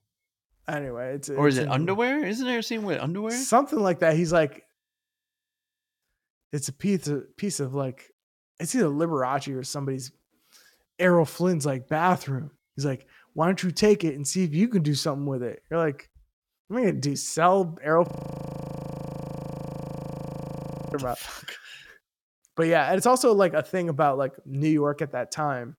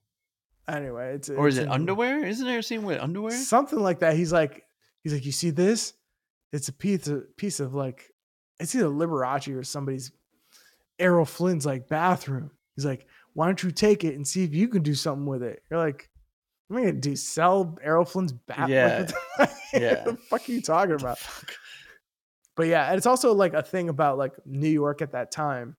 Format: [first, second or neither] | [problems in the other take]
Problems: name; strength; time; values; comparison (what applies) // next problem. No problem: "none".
second | audio freezing; at 5 s for 1 s and at 18 s for 3 s